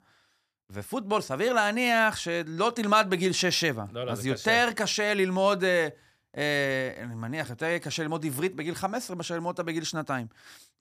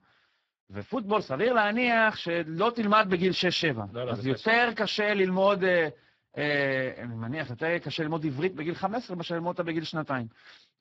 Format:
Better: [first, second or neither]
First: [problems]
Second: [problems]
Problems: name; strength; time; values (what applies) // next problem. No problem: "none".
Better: first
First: none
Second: garbled, watery; badly